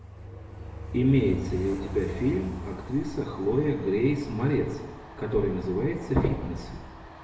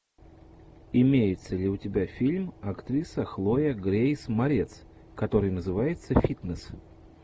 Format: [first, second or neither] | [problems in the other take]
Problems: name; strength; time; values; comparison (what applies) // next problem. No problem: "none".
second | background sound (Train); 12 dB below the speech // room echo; dies away in 1 s